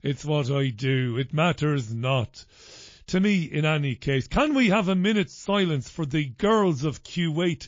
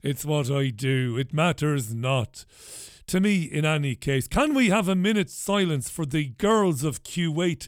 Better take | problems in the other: second | garbled, watery; slightly

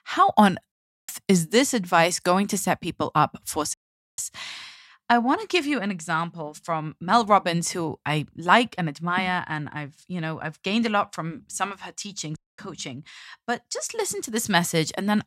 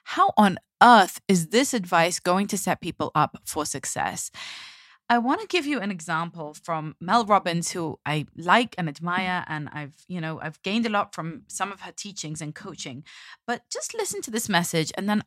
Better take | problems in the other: second | audio cutting out; at 0.5 s, at 3.5 s and at 12 s

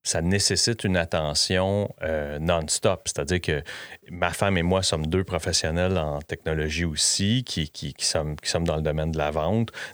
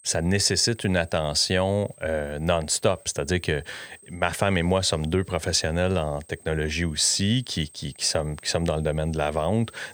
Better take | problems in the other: first | high-pitched whine; faint; throughout; 8.5 kHz, 25 dB below the speech

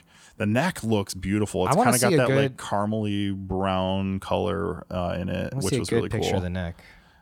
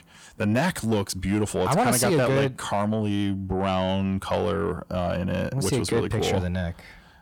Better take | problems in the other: first | distortion; slight; 10 dB below the speech

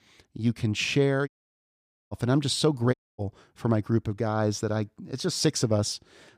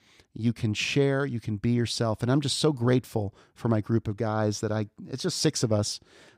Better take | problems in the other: second | audio cutting out; at 1.5 s for 1 s and at 3 s

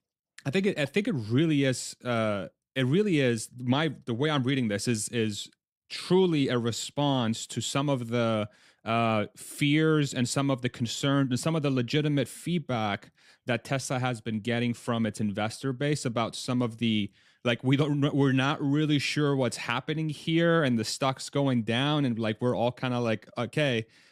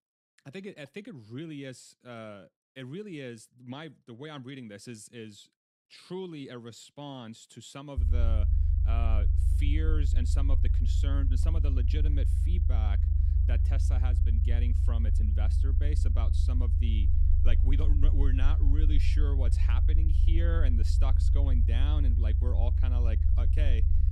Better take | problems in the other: first | low rumble; loud; from 8 s on; 3 dB below the speech

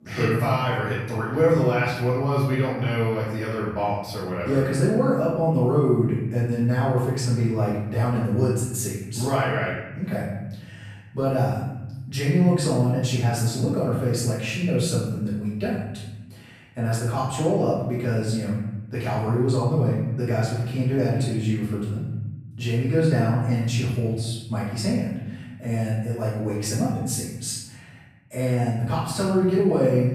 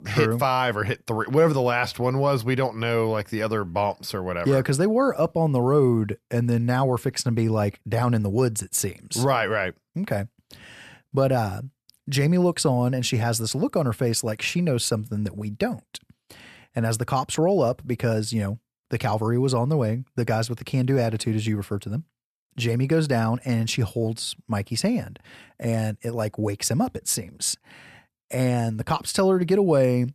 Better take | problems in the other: second | off-mic speech; far // room echo; noticeable; dies away in 1.2 s

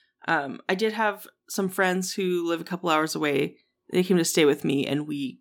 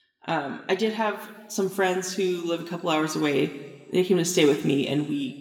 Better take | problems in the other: first | room echo; slight; dies away in 1.3 s

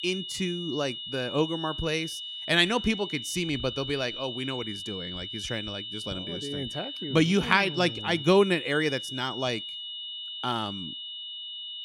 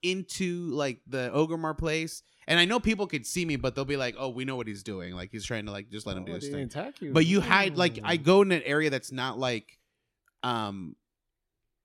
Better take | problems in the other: second | high-pitched whine; loud; throughout; 3 kHz, 7 dB below the speech

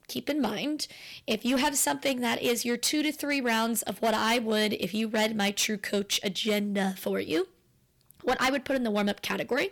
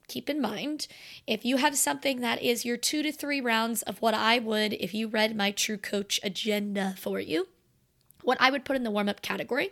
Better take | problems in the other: second | distortion; slight; 6% of the sound clipped

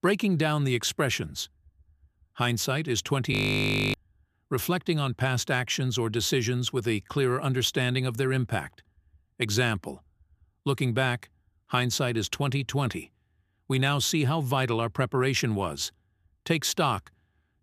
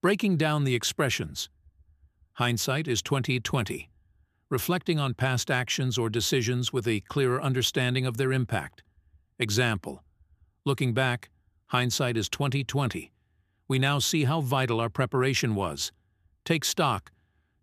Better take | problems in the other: second | audio freezing; at 3.5 s for 0.5 s

